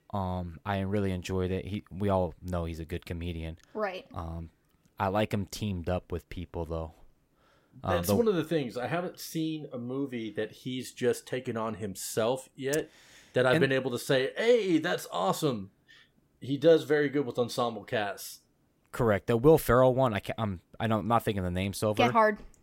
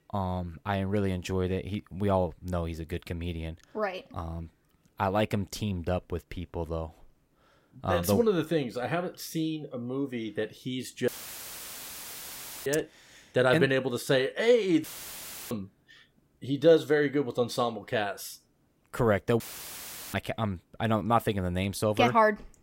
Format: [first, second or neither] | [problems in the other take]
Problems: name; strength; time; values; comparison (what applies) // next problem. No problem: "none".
first | audio cutting out; filled with static; at 11 s for 1.5 s, at 15 s for 0.5 s and at 19 s for 0.5 s